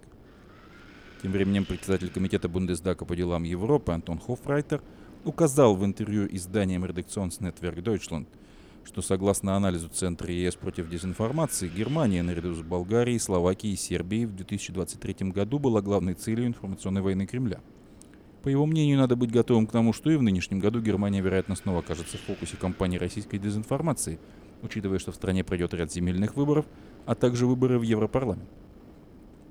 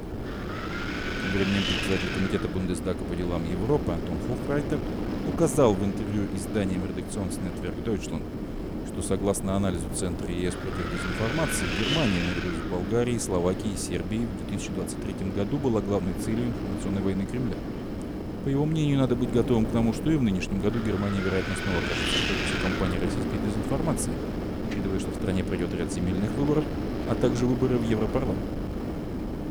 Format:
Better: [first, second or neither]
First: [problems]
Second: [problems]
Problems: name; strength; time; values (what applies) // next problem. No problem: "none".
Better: first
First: wind noise on the microphone; occasional gusts; 20 dB below the speech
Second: wind noise on the microphone; heavy; 1 dB below the speech